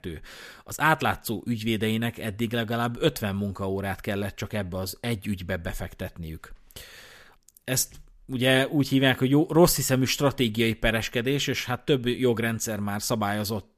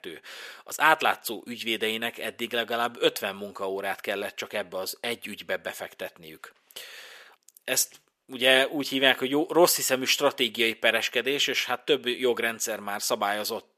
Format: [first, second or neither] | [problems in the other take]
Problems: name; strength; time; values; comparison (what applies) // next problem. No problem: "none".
first | thin; somewhat; fading below 500 Hz